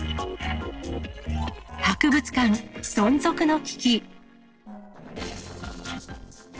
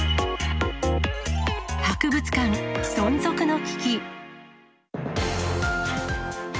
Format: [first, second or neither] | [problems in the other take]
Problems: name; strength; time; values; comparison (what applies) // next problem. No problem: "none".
second | noise reduction (neural separator model SepFormer DNS4)